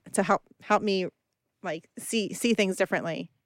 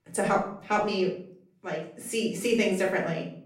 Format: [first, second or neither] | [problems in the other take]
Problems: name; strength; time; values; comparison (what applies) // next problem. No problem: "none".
first | off-mic speech; far // room echo; slight; dies away in 0.5 s